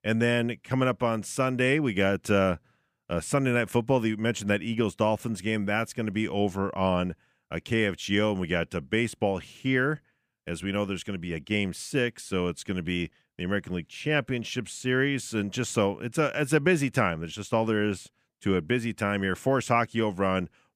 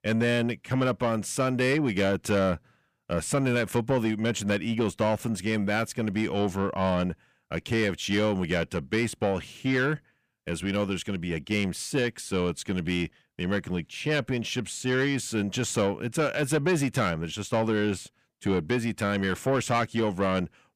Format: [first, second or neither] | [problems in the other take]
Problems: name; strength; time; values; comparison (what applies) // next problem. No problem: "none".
first | distortion; slight; 10 dB below the speech